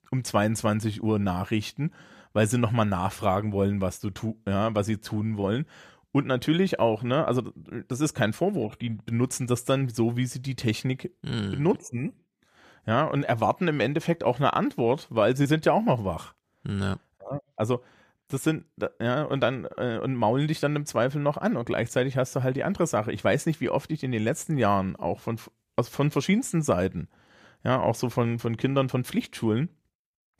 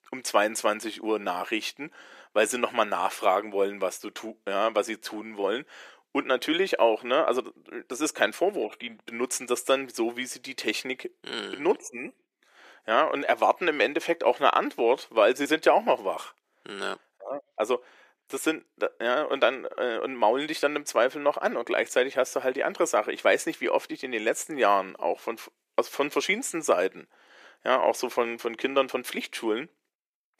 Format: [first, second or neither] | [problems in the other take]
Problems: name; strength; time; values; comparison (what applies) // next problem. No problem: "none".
first | thin; very; fading below 350 Hz